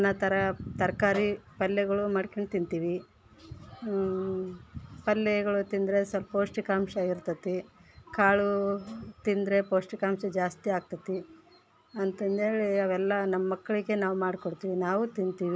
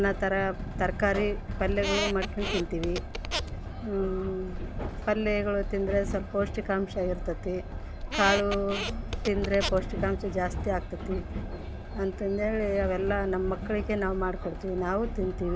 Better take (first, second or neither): first